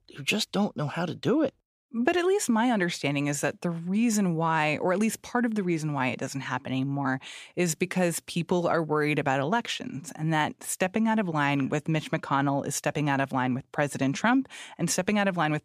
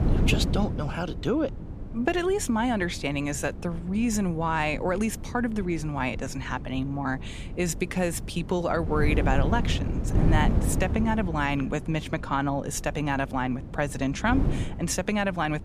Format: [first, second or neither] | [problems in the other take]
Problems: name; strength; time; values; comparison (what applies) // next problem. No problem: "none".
first | wind noise on the microphone; occasional gusts; 10 dB below the speech